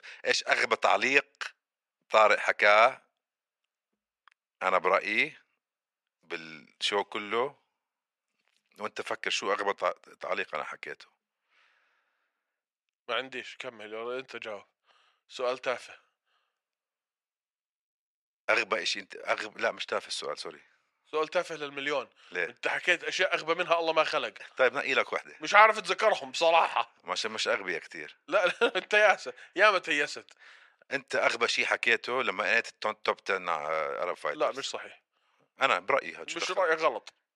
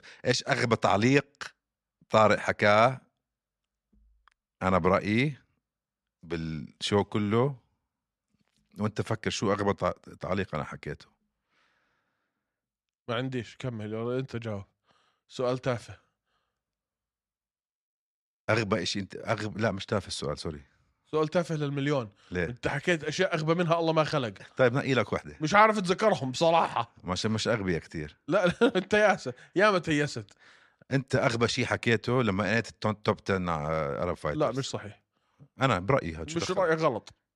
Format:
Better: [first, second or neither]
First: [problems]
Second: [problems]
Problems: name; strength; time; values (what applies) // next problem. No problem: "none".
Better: second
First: thin; very; fading below 550 Hz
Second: none